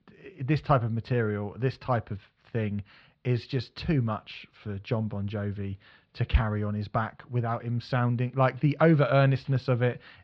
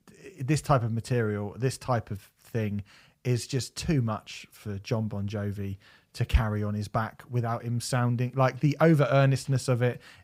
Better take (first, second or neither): second